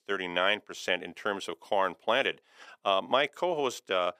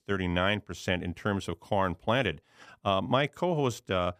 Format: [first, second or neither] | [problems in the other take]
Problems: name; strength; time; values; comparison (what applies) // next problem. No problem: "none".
second | thin; somewhat; fading below 450 Hz